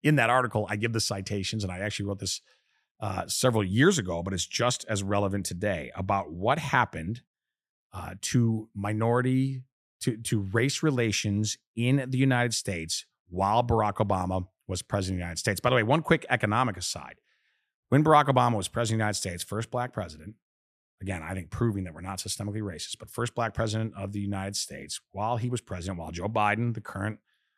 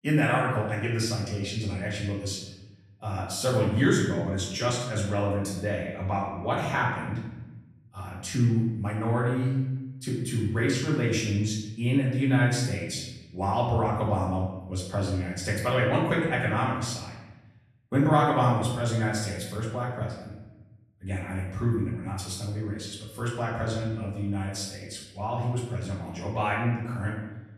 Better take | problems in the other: first | off-mic speech; far // room echo; noticeable; dies away in 0.9 s

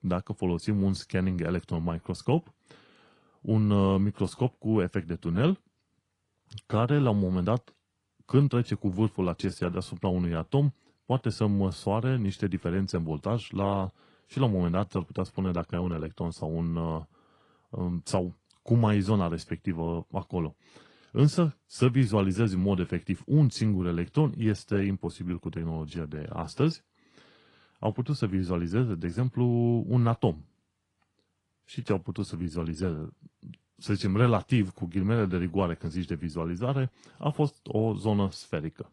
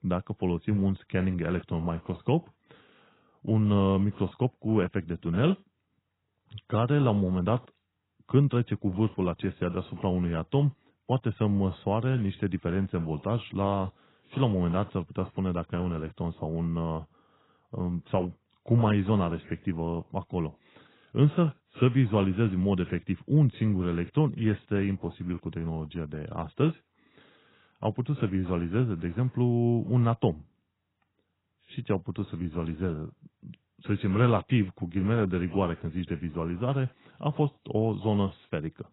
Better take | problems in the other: first | garbled, watery; badly; nothing above 4 kHz; slightly in the first

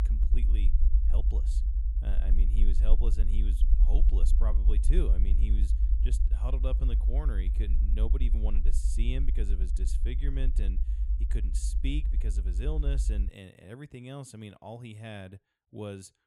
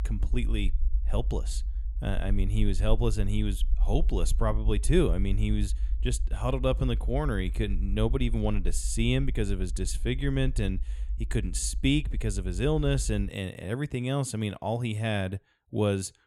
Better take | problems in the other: second | low rumble; loud; until 13 s; 6 dB below the speech; faint in the second

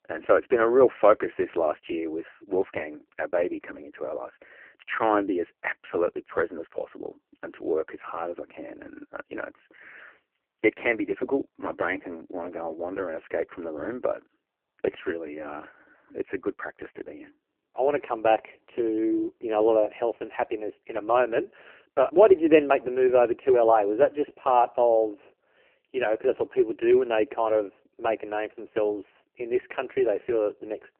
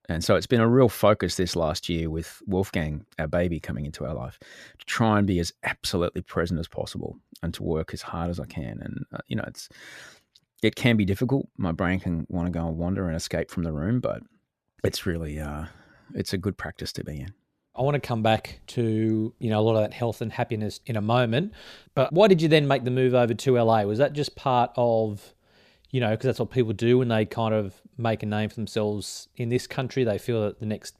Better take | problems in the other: second | phone-call audio; poor line

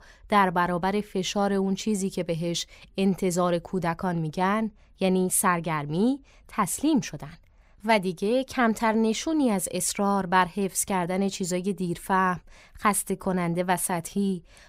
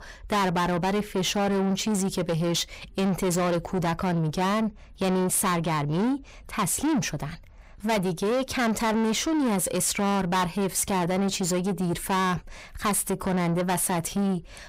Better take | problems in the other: first | distortion; heavy; 7 dB below the speech

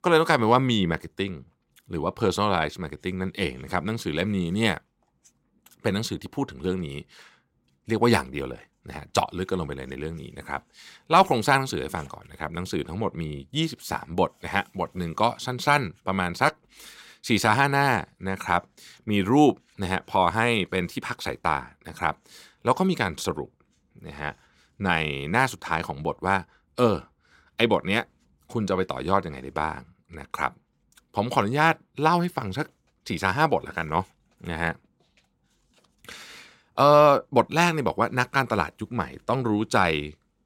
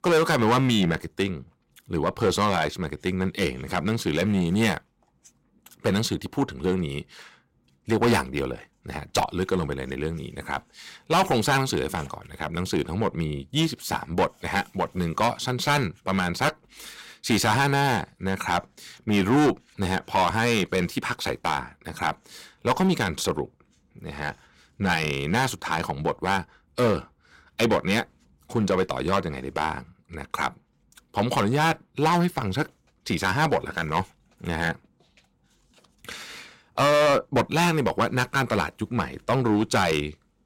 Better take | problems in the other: first | distortion; heavy; 5% of the sound clipped

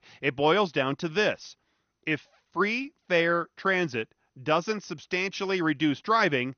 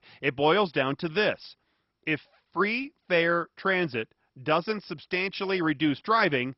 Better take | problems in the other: first | garbled, watery; badly; nothing above 5.5 kHz; slightly in the first

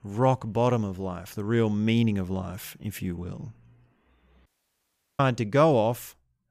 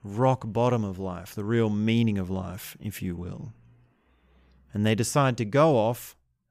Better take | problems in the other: second | audio cutting out; at 4.5 s for 0.5 s

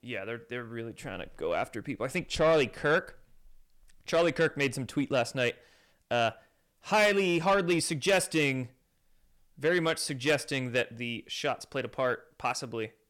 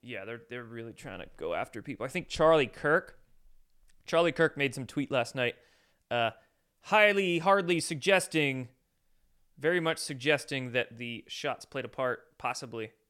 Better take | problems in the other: second | distortion; slight; 10 dB below the speech

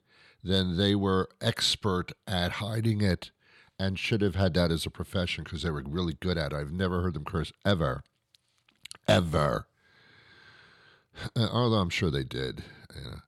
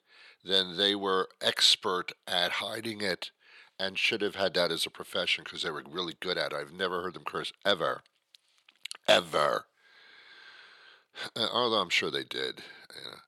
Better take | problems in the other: first | thin; very; fading below 450 Hz

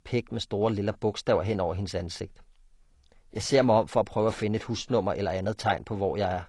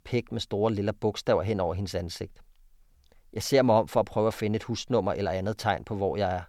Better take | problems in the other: second | garbled, watery; slightly; nothing above 11 kHz

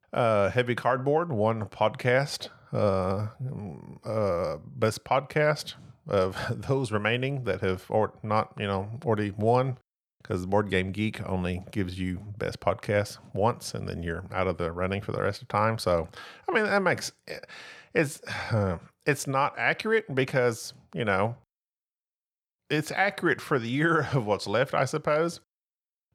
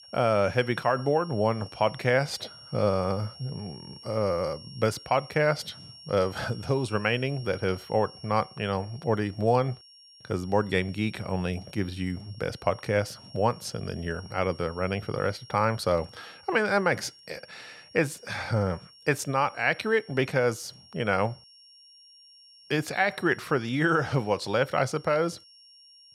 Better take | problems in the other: first | high-pitched whine; faint; throughout; 5.5 kHz, 20 dB below the speech

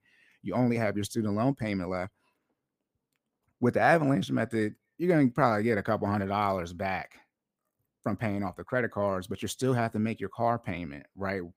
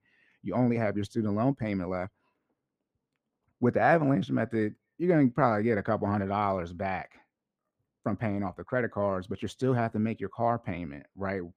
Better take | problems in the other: first | muffled; slightly; fading above 2 kHz

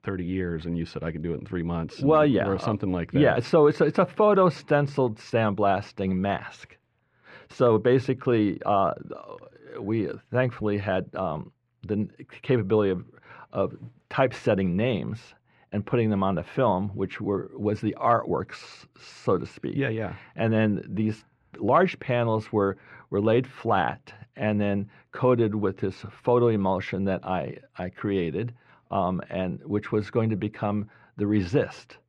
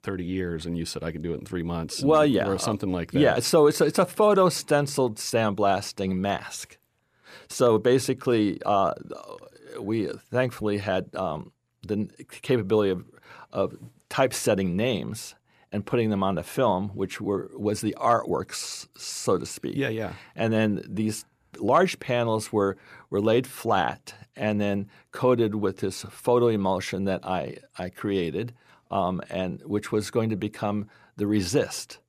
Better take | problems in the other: second | muffled; slightly; fading above 2.5 kHz

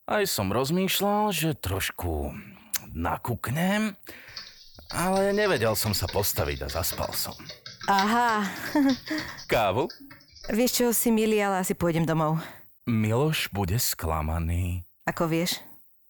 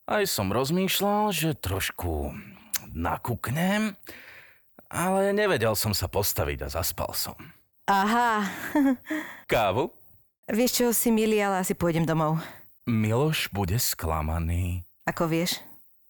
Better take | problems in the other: second | keyboard typing; noticeable; from 4.5 to 11 s; peak 8 dB below the speech

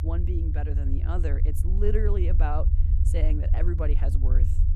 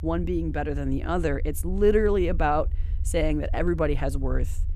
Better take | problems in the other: second | low rumble; loud; throughout; 8 dB below the speech; faint in the second

